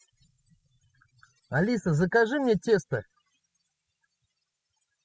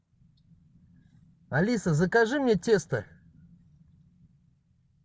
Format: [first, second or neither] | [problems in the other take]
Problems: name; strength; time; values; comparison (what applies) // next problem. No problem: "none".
second | noise reduction (classical method spectral subtraction)